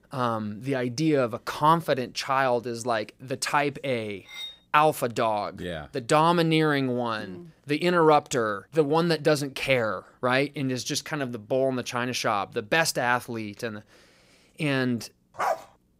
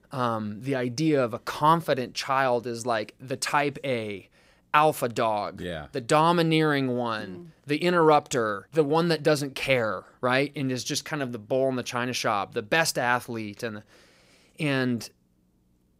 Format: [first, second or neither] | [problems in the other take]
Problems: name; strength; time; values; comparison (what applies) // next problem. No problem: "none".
second | clattering dishes; faint; at 4.5 s; peak 10 dB below the speech // dog barking; noticeable; at 15 s; peak 3 dB below the speech